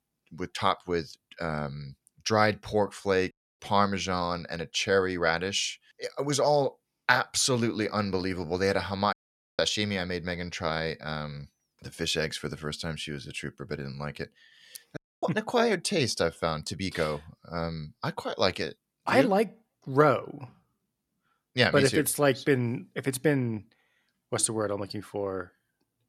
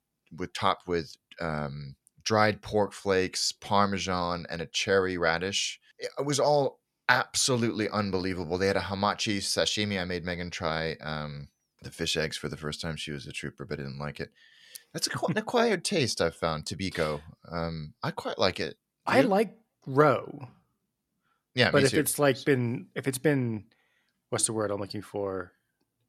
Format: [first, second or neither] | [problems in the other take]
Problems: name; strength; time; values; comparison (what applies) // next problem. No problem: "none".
second | audio cutting out; at 3.5 s, at 9 s and at 15 s